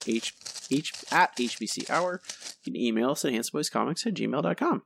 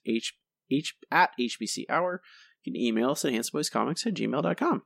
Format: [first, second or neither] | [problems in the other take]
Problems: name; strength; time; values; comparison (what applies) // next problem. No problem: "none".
second | footsteps; noticeable; until 2.5 s; peak 9 dB below the speech